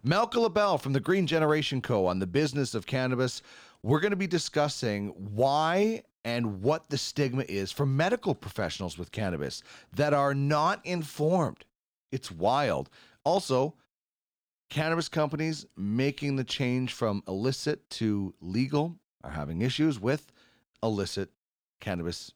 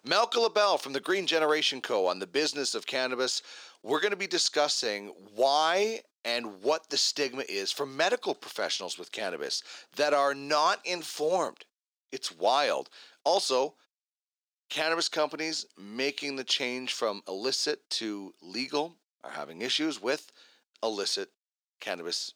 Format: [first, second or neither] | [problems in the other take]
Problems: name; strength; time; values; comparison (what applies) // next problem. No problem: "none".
first | thin; somewhat; fading below 350 Hz